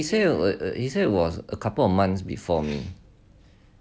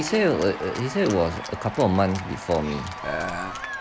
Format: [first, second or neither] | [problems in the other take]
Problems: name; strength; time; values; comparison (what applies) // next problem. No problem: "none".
first | background sound (Burping, eructation + Applause / Cheering); 9 dB below the speech